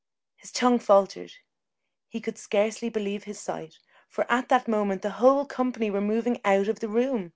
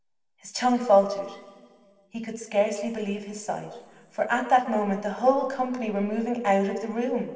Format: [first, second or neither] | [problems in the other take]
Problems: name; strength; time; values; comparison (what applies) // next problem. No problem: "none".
first | room echo; dies away in 2.1 s